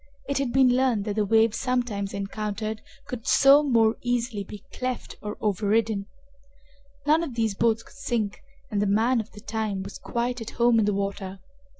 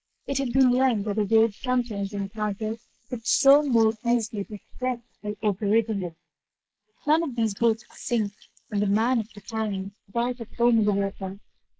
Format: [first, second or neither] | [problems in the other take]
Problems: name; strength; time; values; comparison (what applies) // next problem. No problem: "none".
first | noise reduction (neural mask model Resemble Enhance denoiser)